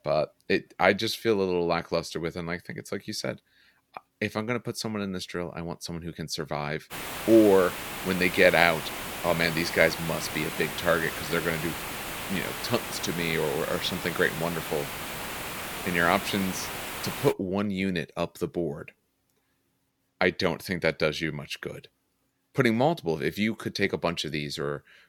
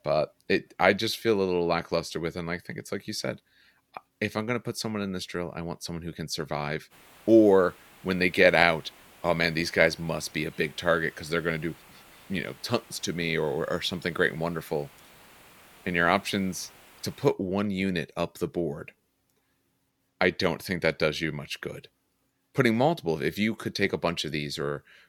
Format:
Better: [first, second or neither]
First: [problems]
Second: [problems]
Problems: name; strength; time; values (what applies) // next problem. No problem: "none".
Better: second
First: hiss; loud; from 7 to 17 s; 6 dB below the speech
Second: hiss; faint; from 7 to 17 s; 25 dB below the speech